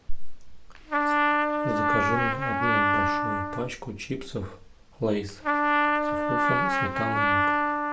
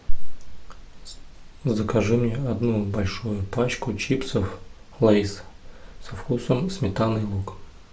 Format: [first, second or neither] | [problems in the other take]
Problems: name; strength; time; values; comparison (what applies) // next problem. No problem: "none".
second | background sound (Trumpet); 5 dB above the speech